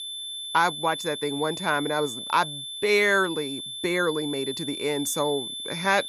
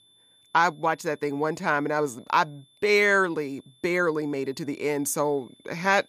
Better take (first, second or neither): second